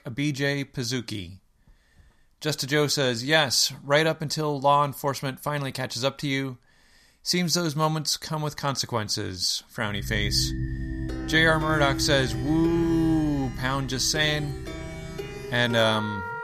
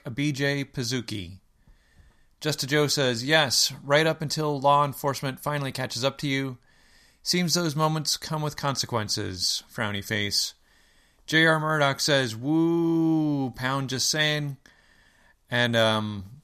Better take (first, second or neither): second